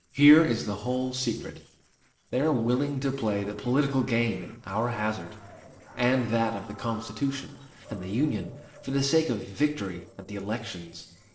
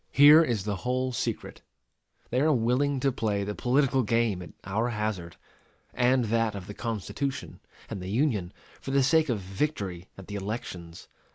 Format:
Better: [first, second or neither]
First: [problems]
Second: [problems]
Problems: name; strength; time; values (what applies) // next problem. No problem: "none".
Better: second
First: noise reduction (neural separator model SepFormer DNS4)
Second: none